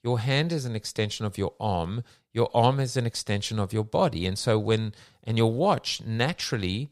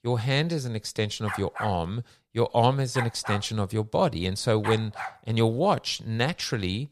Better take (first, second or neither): first